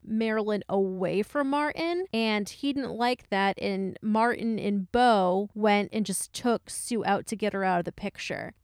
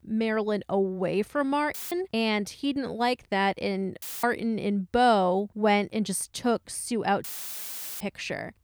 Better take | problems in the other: first | audio cutting out; filled with static; at 1.5 s, at 4 s and at 7 s for 1 s

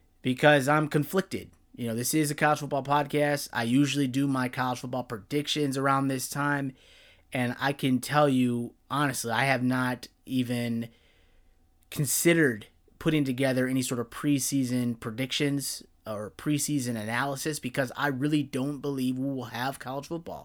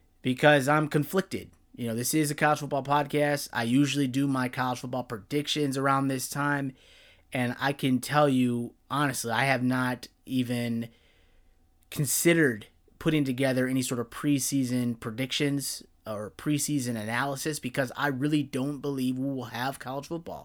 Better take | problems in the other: neither | none

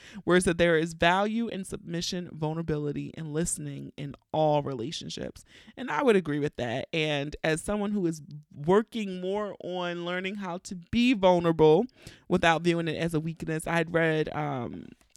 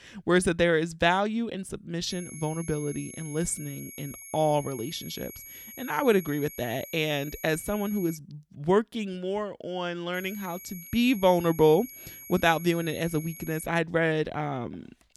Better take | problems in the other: first | high-pitched whine; noticeable; from 2 to 8 s and from 10 to 14 s; 11.5 kHz, 15 dB below the speech

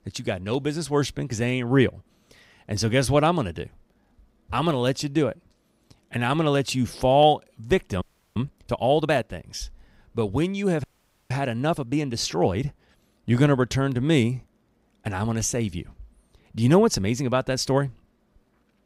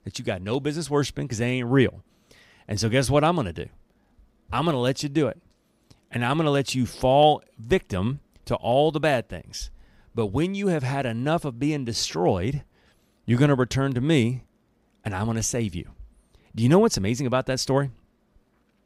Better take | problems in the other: second | audio freezing; at 8 s and at 11 s

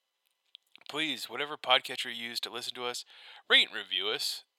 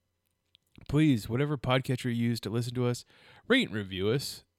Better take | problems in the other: second | thin; very; fading below 800 Hz

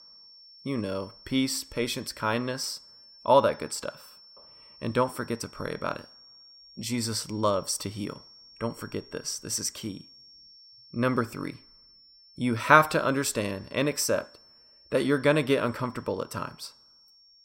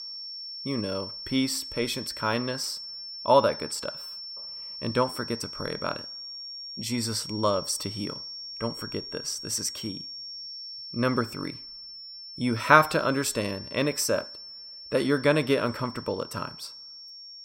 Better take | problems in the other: first | high-pitched whine; loud; throughout; 5.5 kHz, 10 dB below the speech; faint in the first

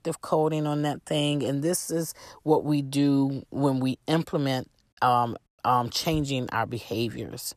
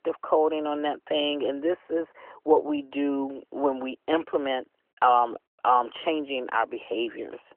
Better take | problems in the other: first | phone-call audio; nothing above 3 kHz

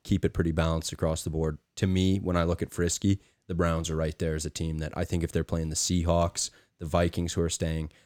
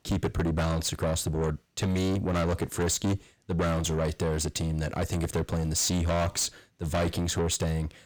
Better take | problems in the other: first | distortion; heavy; 5 dB below the speech

